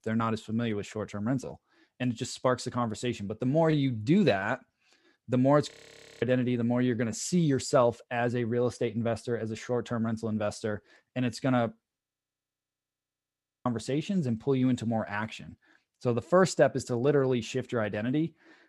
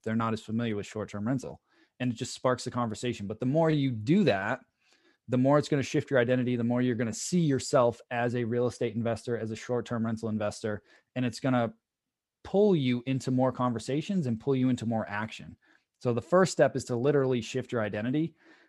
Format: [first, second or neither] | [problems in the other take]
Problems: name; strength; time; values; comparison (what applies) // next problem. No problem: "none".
second | audio freezing; at 5.5 s for 0.5 s and at 12 s for 1.5 s